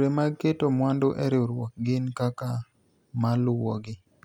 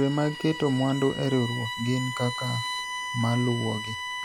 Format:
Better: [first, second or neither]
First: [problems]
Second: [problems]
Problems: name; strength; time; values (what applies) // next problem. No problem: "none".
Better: first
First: none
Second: background sound (Bowed string instrument); 7 dB below the speech